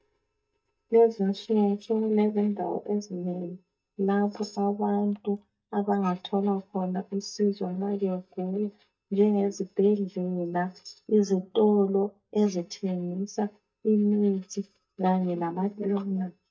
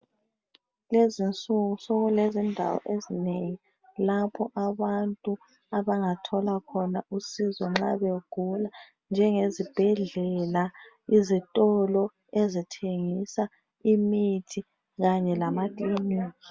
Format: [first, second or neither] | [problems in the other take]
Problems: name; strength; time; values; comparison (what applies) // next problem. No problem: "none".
second | noise reduction (neural mask model DeepFilterNet 3)